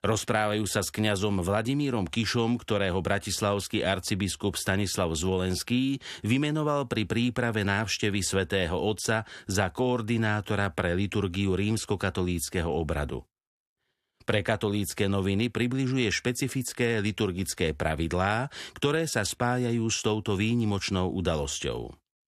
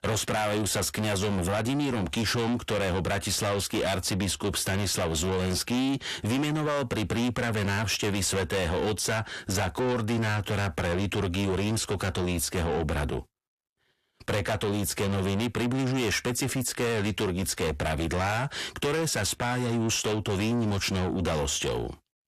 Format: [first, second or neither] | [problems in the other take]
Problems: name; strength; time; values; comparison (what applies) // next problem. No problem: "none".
first | distortion; heavy; 6 dB below the speech